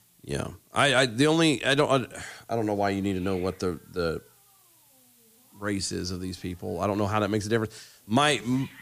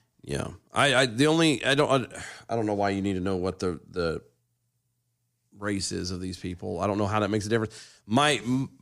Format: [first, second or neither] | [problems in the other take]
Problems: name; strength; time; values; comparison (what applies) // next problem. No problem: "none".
second | hiss; faint; throughout; 30 dB below the speech